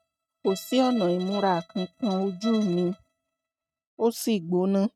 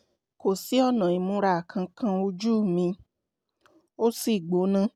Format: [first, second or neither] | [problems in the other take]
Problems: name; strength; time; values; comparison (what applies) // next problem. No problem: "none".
second | noise reduction (neural mask model RNNoise)